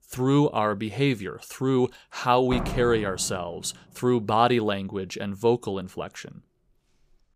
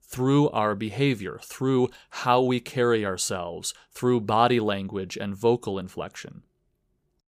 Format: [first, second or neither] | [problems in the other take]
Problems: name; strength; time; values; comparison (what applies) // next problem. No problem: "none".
second | door banging; noticeable; at 2.5 s; peak 6 dB below the speech